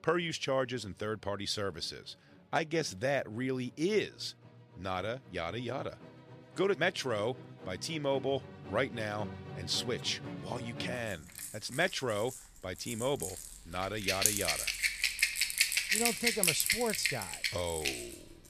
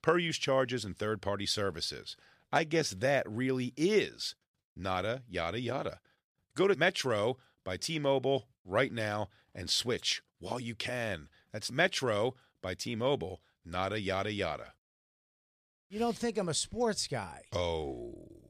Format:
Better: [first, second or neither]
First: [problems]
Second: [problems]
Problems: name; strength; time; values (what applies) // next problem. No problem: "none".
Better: second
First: background music; very loud; throughout; 3 dB above the speech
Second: none